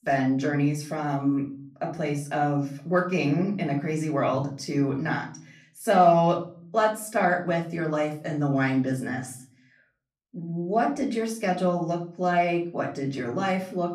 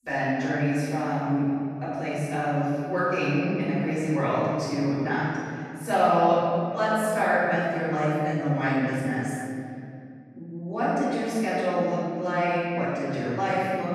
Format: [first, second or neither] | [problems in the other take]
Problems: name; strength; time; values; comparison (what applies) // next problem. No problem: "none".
first | room echo; strong; dies away in 2.5 s; slight in the first // off-mic speech; far; far in the first